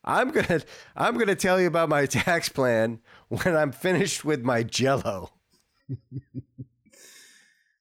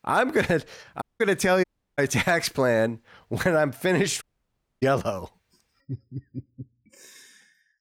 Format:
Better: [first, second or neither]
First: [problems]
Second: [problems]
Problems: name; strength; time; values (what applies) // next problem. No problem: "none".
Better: first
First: none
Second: audio cutting out; at 1 s, at 1.5 s and at 4 s for 0.5 s